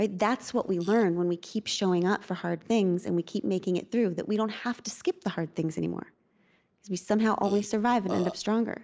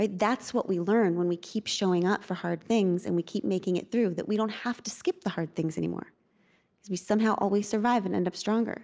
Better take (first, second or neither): second